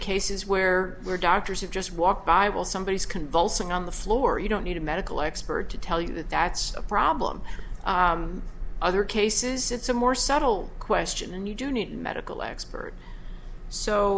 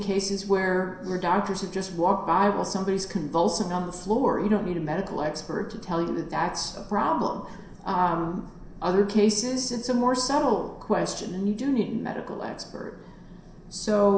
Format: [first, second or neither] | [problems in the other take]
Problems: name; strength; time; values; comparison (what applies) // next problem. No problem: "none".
first | room echo; dies away in 0.7 s